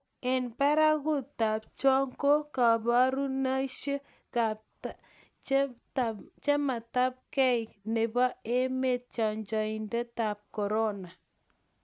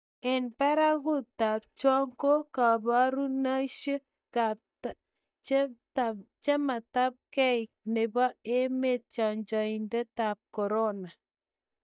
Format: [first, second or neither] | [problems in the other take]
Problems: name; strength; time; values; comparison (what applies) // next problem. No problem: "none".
first | noise reduction (neural mask model DeepFilterNet 3)